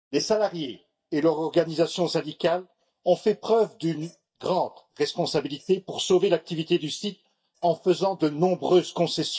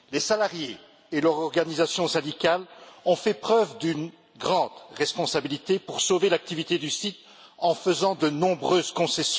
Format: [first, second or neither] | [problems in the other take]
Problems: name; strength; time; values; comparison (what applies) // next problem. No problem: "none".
second | noise reduction (neural mask model DeepFilterNet 3)